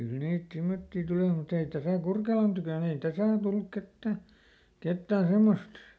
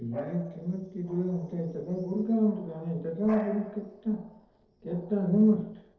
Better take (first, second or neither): first